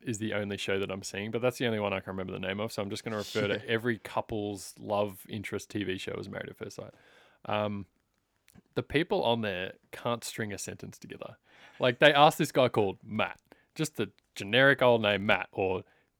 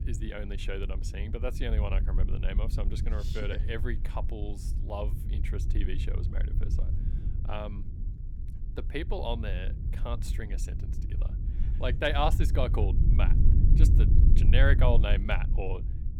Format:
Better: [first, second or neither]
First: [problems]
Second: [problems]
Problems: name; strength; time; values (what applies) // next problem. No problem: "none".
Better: first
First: none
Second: low rumble; noticeable; throughout; 10 dB below the speech